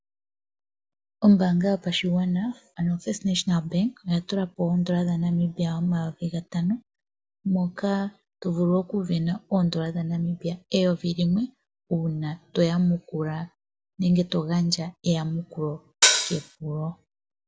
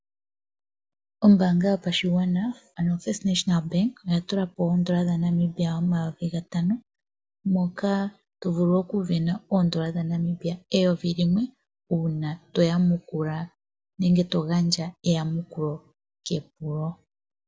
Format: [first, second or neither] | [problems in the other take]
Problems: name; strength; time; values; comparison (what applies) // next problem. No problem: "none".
second | background sound (Hi-hat); 4 dB above the speech